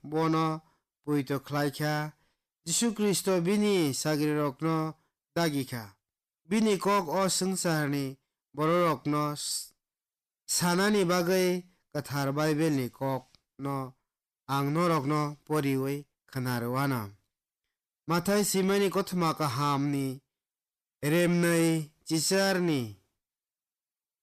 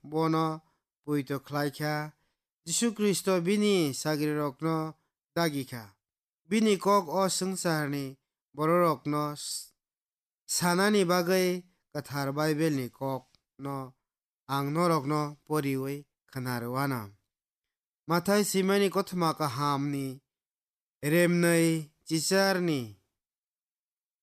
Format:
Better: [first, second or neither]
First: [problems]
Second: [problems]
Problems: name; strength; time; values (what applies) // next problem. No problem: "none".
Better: second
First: distortion; slight; 10 dB below the speech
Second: none